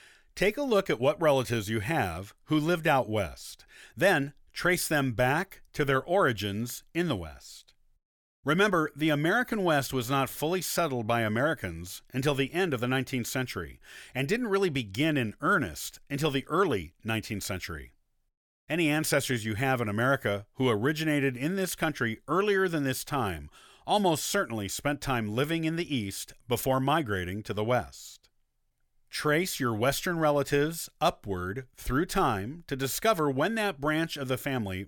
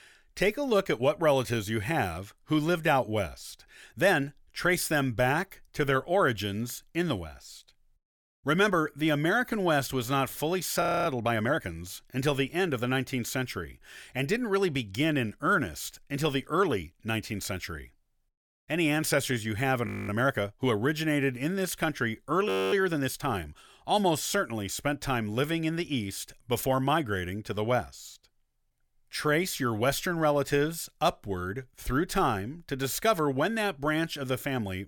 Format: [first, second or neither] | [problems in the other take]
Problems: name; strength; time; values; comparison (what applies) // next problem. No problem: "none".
first | audio freezing; at 11 s, at 20 s and at 22 s